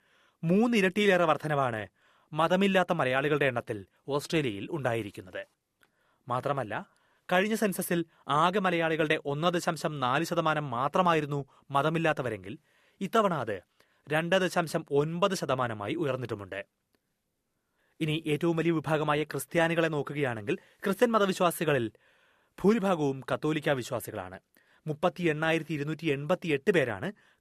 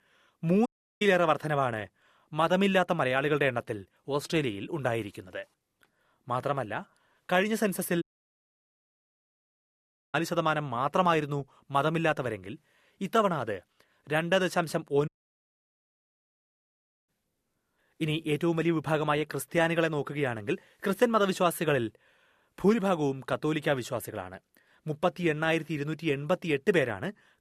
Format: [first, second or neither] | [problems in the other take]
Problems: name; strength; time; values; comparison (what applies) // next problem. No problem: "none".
first | audio cutting out; at 0.5 s, at 8 s for 2 s and at 15 s for 2 s